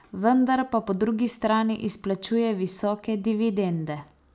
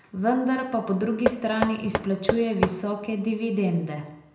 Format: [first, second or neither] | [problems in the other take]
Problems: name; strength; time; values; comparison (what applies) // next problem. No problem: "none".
first | background sound (Knock); 4 dB below the speech // room echo; dies away in 0.8 s